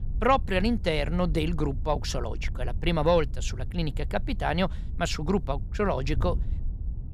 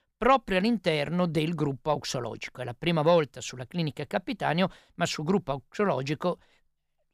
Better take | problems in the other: second | wind noise on the microphone; occasional gusts; 20 dB below the speech

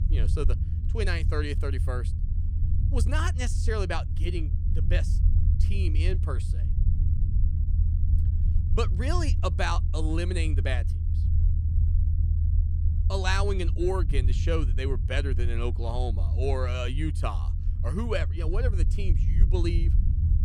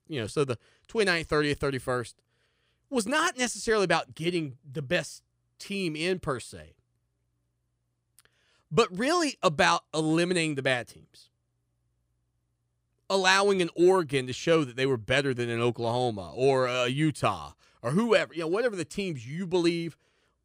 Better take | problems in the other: second | low rumble; noticeable; throughout; 10 dB below the speech

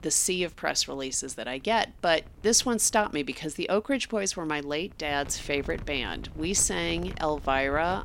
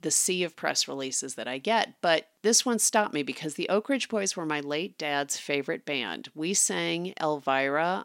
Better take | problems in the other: second | wind noise on the microphone; occasional gusts; 25 dB below the speech

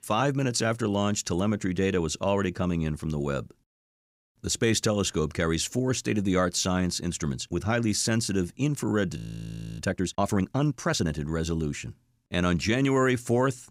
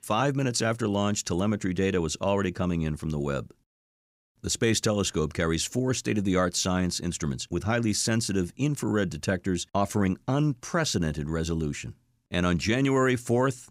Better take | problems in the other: second | audio freezing; at 9 s for 0.5 s

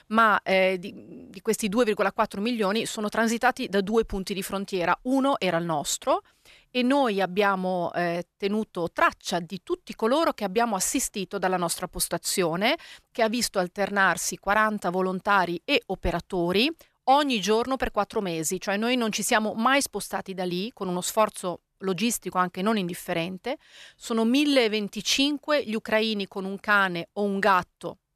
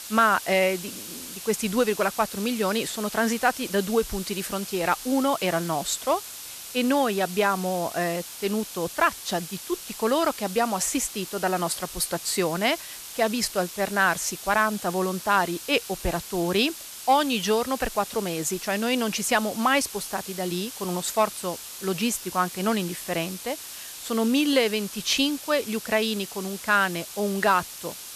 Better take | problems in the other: first | hiss; noticeable; throughout; 10 dB below the speech

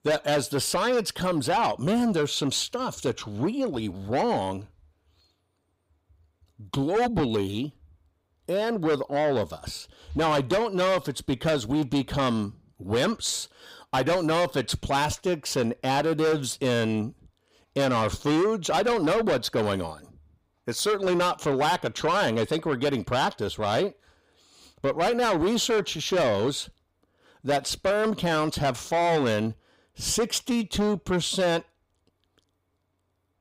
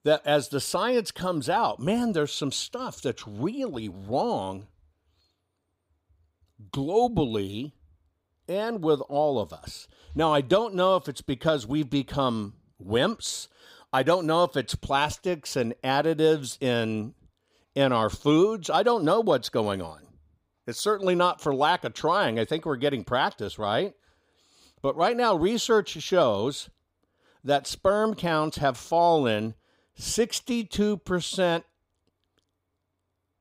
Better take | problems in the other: second | distortion; heavy; 8 dB below the speech

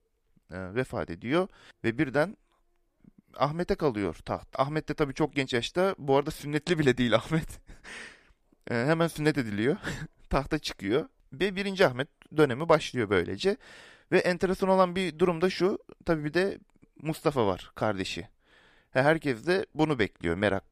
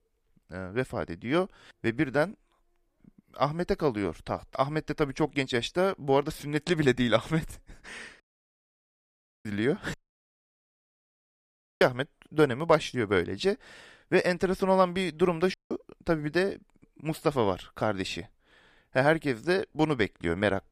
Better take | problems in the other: first | audio cutting out; at 8 s for 1.5 s, at 10 s for 2 s and at 16 s

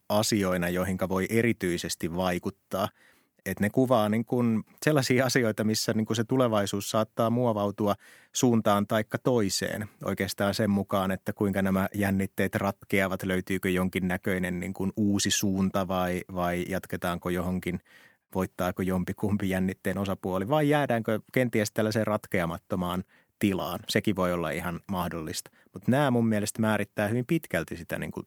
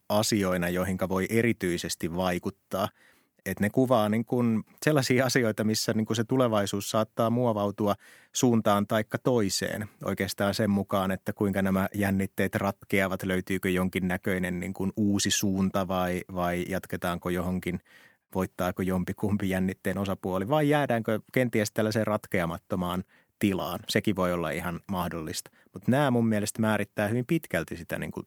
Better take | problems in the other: neither | none

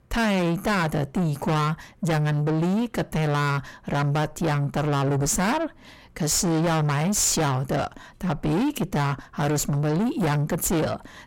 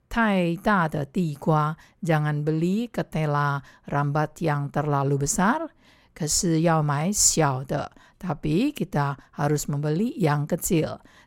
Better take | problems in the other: second | distortion; heavy; 6 dB below the speech

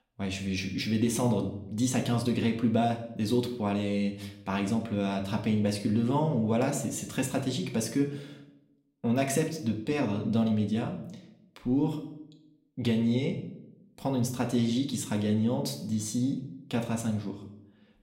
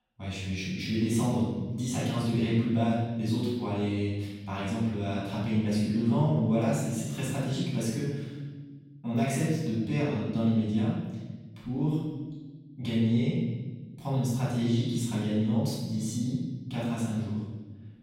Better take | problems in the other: first | room echo; strong; dies away in 1.3 s; slight in the first // off-mic speech; far; somewhat distant in the first

